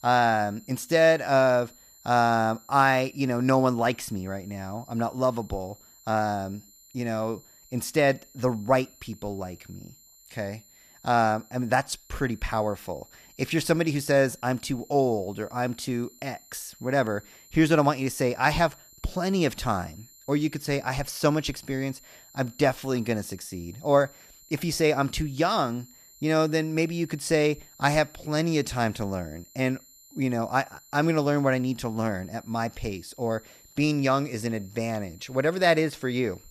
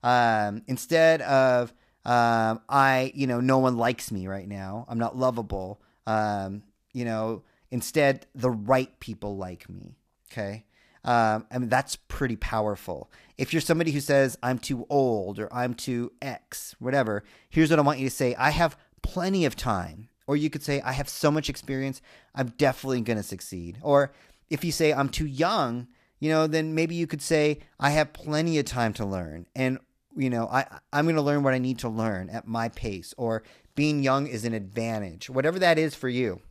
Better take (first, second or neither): second